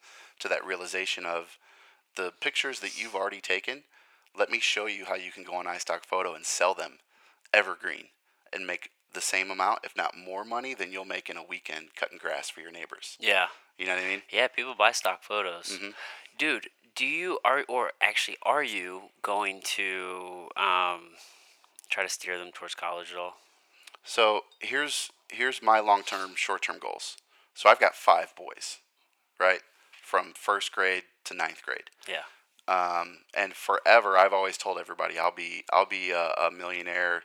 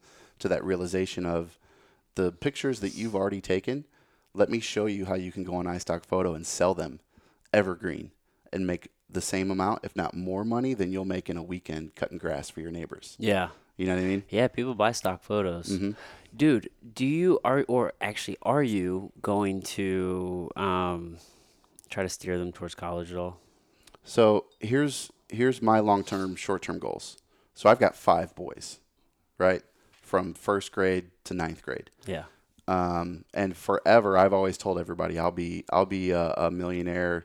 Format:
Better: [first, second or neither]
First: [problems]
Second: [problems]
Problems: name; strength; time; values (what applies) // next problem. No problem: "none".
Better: second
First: thin; very; fading below 850 Hz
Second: none